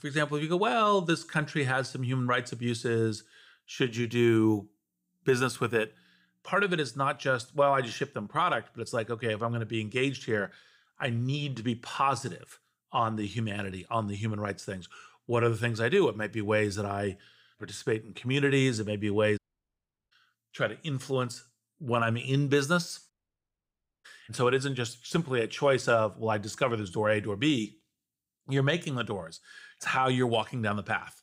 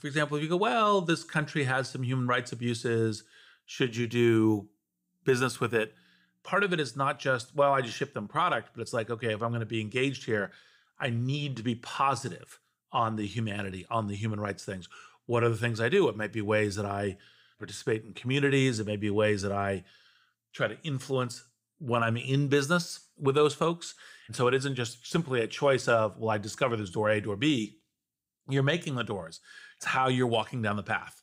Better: second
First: audio cutting out; at 19 s for 0.5 s and at 23 s for 1 s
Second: none

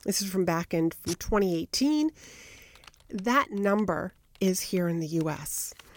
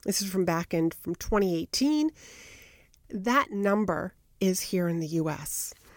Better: second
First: household noises; noticeable; throughout; 20 dB below the speech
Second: none

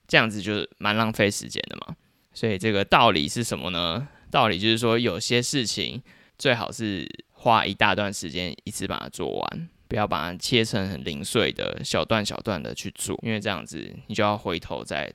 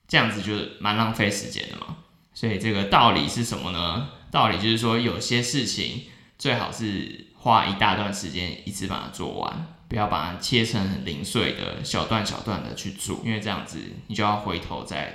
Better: first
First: none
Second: room echo; very slight; dies away in 0.7 s

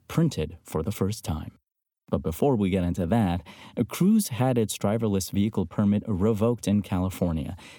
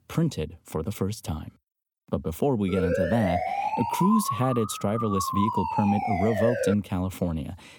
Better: first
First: none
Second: siren; loud; from 2.5 to 6.5 s; peak 1 dB above the speech

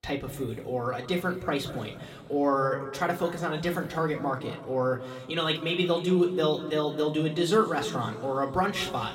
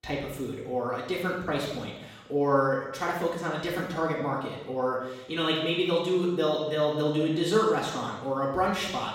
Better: first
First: room echo; slight; dies away in 2 s // off-mic speech; somewhat distant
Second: room echo; strong; dies away in 0.9 s // off-mic speech; far

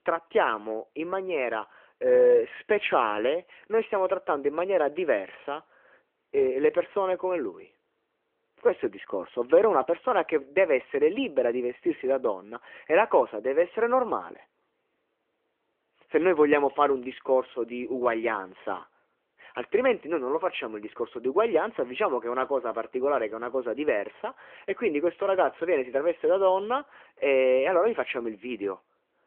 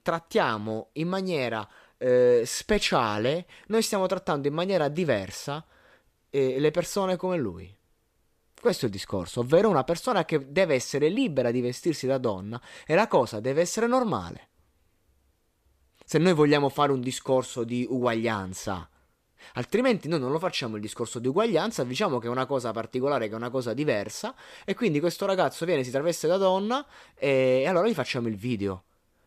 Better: second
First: phone-call audio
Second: none

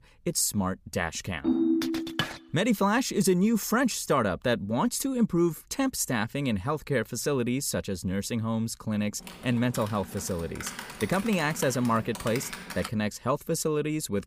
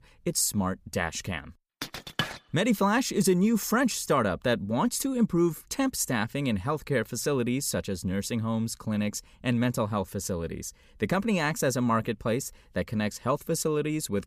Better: second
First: phone ringing; loud; at 1.5 s; peak 3 dB above the speech // keyboard typing; noticeable; from 9 to 13 s; peak 9 dB below the speech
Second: none

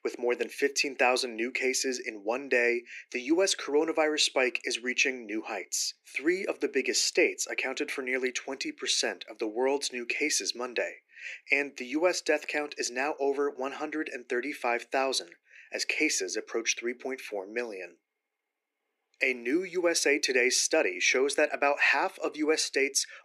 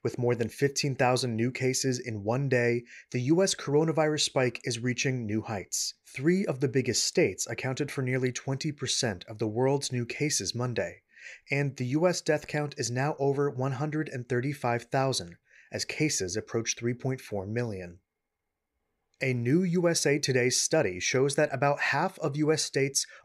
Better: second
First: thin; somewhat; fading below 300 Hz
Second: none

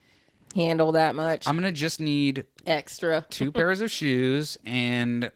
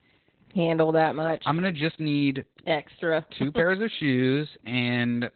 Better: first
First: garbled, watery; slightly; nothing above 16.5 kHz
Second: garbled, watery; badly; nothing above 4 kHz

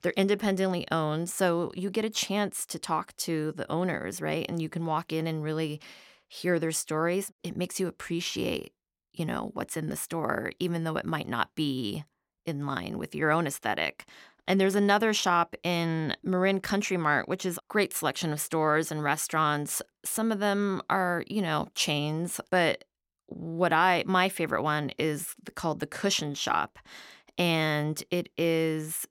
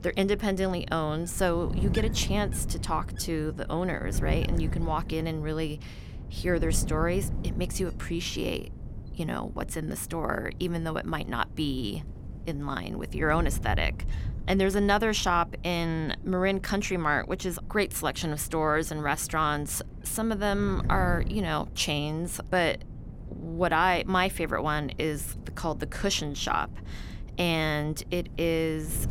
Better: first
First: none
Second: wind noise on the microphone; occasional gusts; 20 dB below the speech

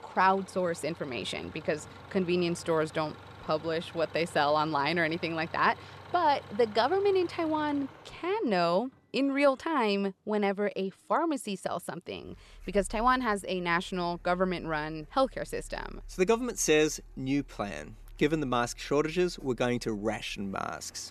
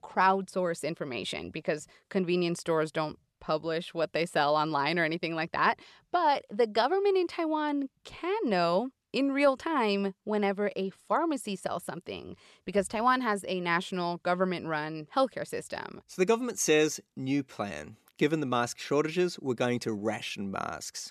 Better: second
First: traffic noise; faint; throughout; 20 dB below the speech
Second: none

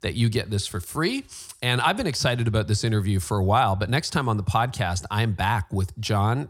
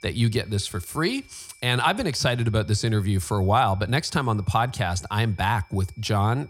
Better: first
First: none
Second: high-pitched whine; faint; throughout; 2.5 kHz, 30 dB below the speech

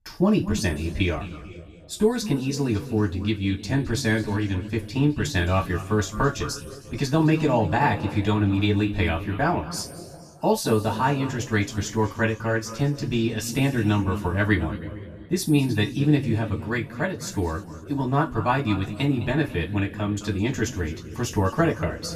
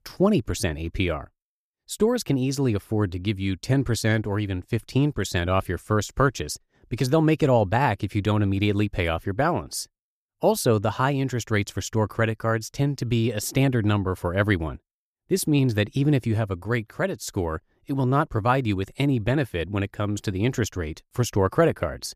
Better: second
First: room echo; slight; dies away in 1.8 s // off-mic speech; far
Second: none

